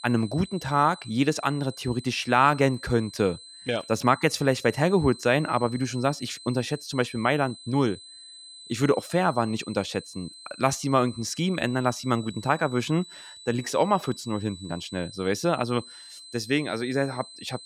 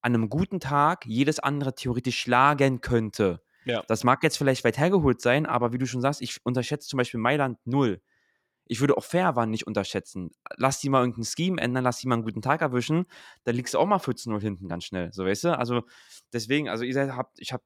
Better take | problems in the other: second | high-pitched whine; noticeable; throughout; 4 kHz, 15 dB below the speech

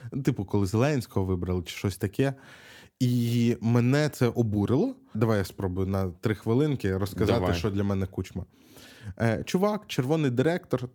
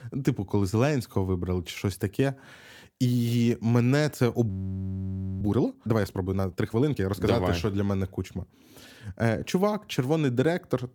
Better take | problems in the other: first | audio freezing; at 4.5 s for 1 s

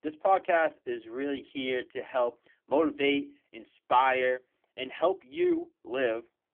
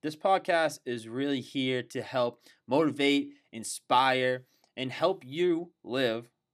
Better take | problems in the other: second | phone-call audio; poor line; nothing above 3.5 kHz

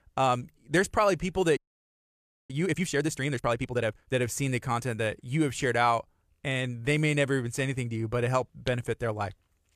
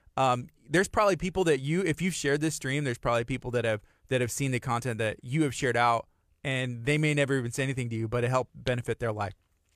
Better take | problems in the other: second | audio freezing; at 1.5 s for 1 s

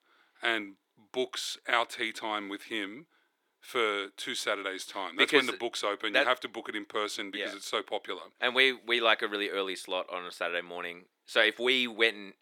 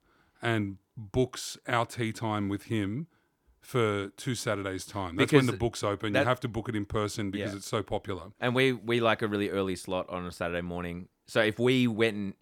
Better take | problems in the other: second | thin; somewhat; fading below 350 Hz

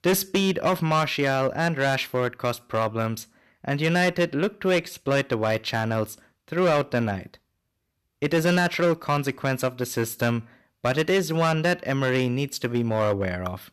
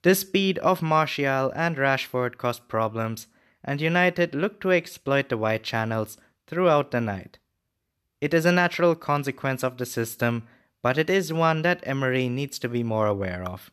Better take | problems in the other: second | distortion; slight; 7% of the sound clipped

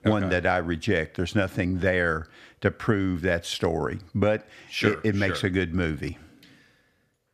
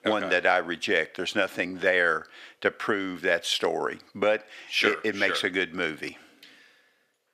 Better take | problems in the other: first | thin; somewhat; fading below 400 Hz

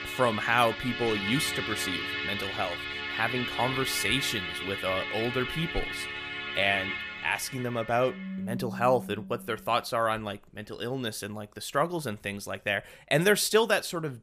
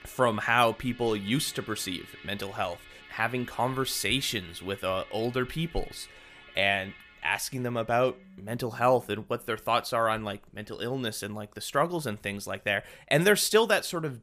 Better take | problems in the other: second | background music; loud; until 9 s; 4 dB below the speech; faint in the second

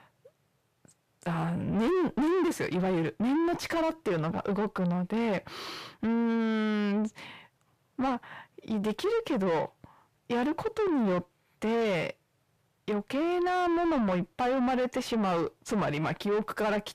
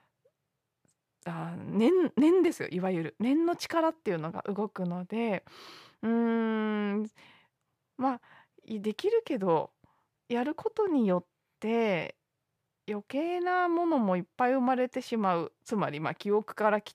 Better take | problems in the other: second | distortion; heavy; 6 dB below the speech

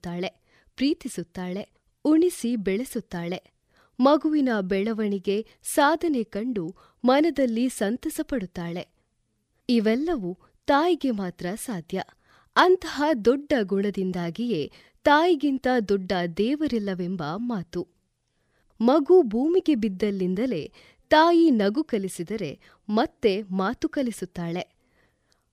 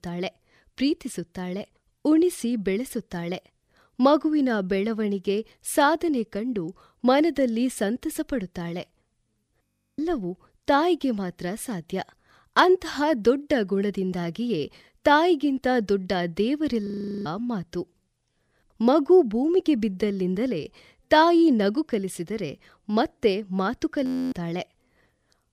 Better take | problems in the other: first | audio freezing; at 9.5 s, at 17 s and at 24 s

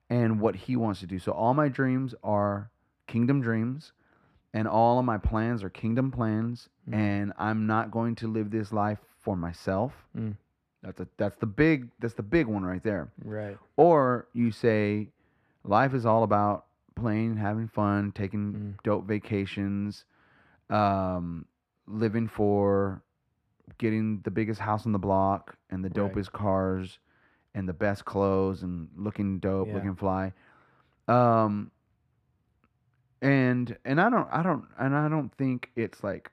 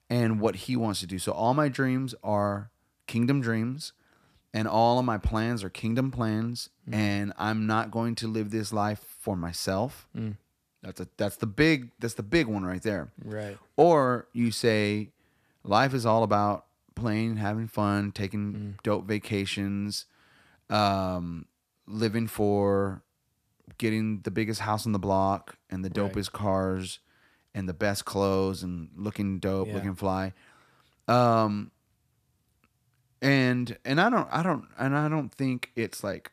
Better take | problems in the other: second | muffled; slightly; fading above 3.5 kHz

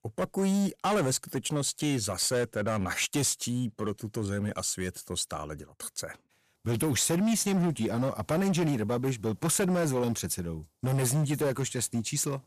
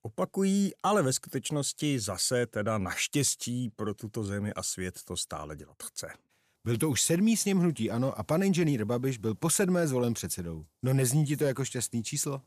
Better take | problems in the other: second | distortion; slight; 12% of the sound clipped

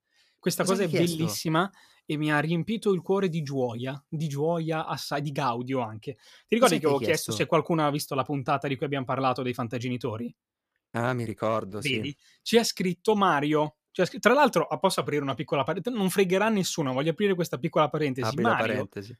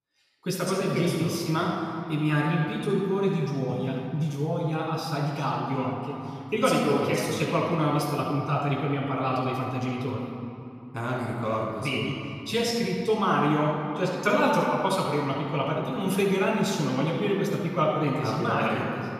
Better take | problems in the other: first | off-mic speech; far // room echo; noticeable; dies away in 2.6 s

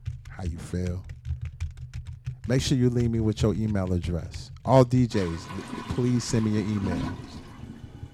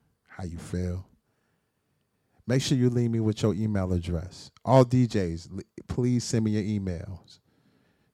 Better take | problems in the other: second | household noises; noticeable; throughout; 10 dB below the speech

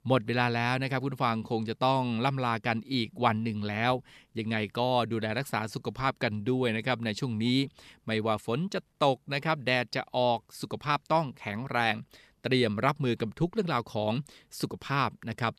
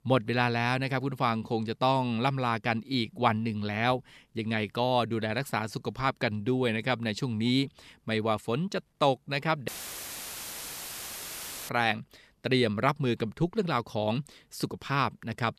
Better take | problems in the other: first | audio cutting out; filled with static; at 9.5 s for 2 s

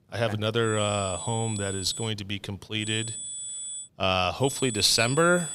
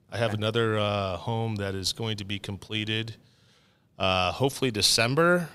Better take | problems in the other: second | high-pitched whine; loud; from 0.5 to 2 s, from 3 to 4 s and from 4.5 s on; 8 kHz, 8 dB below the speech

